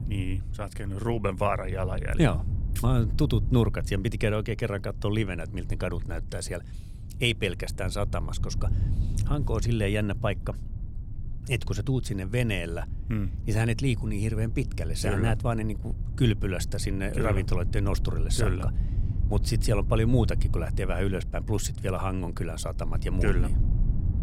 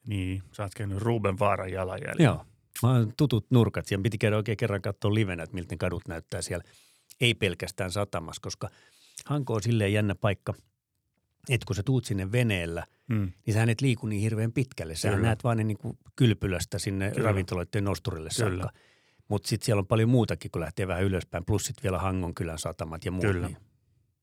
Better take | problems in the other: second | low rumble; noticeable; throughout; 15 dB below the speech

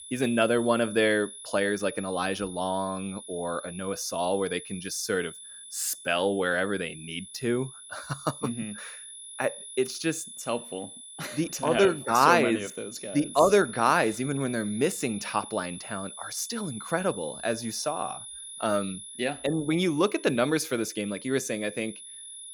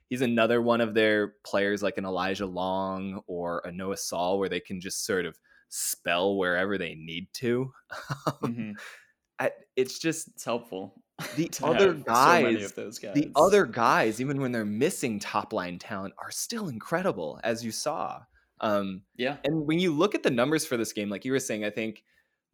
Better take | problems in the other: second | high-pitched whine; noticeable; throughout; 10.5 kHz, 15 dB below the speech

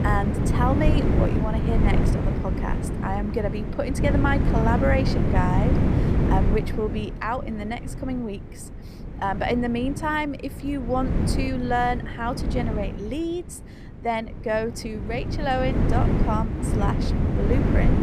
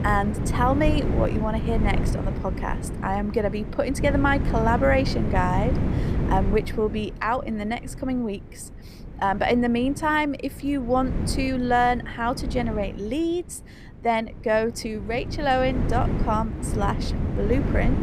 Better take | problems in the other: second | wind noise on the microphone; heavy; 4 dB below the speech; occasional gusts in the second

